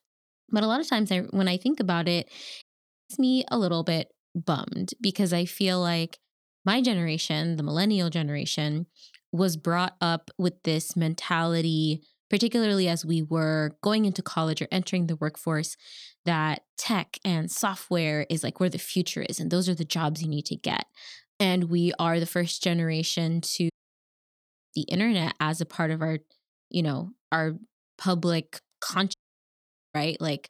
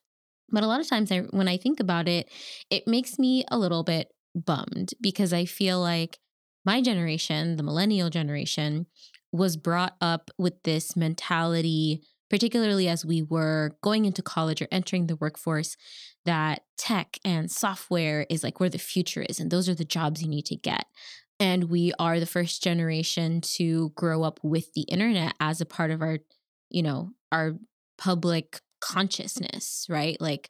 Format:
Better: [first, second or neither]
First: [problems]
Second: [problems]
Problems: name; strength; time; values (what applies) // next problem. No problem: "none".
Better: second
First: audio cutting out; at 2.5 s, at 24 s for 1 s and at 29 s for 1 s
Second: none